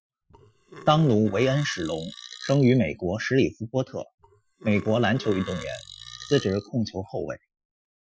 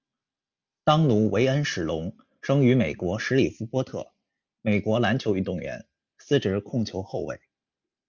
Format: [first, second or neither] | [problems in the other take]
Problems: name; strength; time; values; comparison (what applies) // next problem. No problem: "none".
second | noise reduction (classical method Wiener filter)